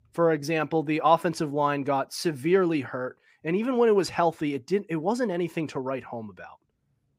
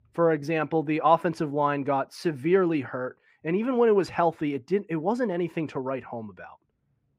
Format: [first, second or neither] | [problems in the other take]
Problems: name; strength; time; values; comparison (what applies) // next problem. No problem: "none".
first | muffled; slightly; fading above 3.5 kHz